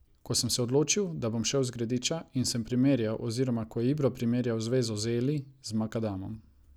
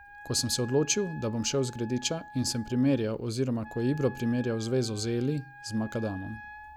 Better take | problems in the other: first | background sound (Wind instrument, woodwind instrument); 17 dB below the speech

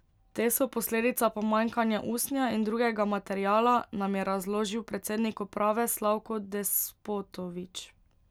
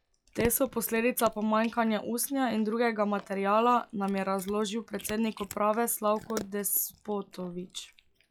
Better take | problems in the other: first | noise reduction (classical method log-MMSE)

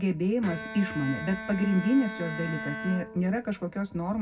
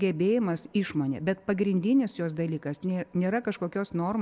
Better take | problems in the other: second | background sound (Bowed string instrument); 10 dB below the speech // room echo; dies away in 0.4 s

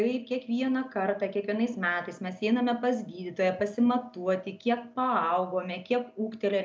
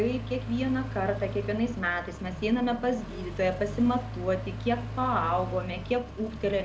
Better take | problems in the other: first | background sound (Accelerating, revving, vroom); 8 dB below the speech

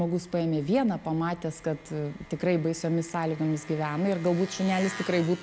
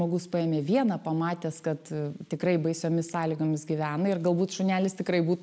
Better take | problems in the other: second | background sound (Engine); 17 dB below the speech

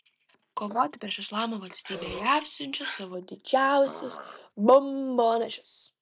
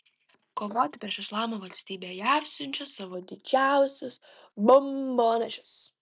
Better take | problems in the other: second | background sound (Dog + Burping, eructation); 16 dB below the speech

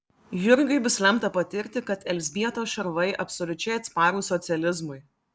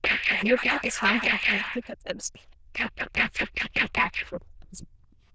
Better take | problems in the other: first | noise reduction (neural diffusion model UNIVERSE++)

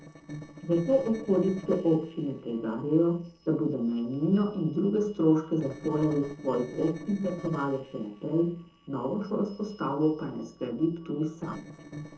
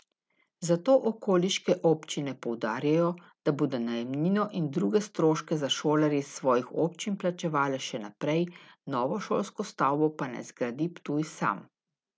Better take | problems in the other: second | noise reduction (neural separator model SepFormer DNS4)

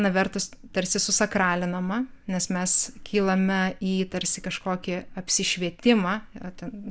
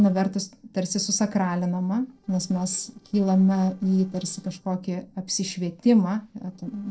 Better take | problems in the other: first | noise reduction (neural separator model SepFormer DNS4)

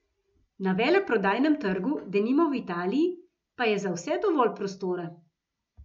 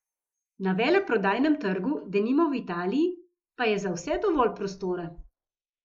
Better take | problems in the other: first | noise reduction (neural mask model Resemble Enhance denoiser)

